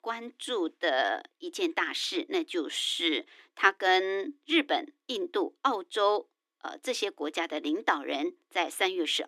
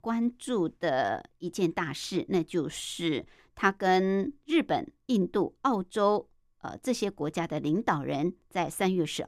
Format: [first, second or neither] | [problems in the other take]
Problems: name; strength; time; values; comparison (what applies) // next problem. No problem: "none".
second | thin; somewhat; fading below 300 Hz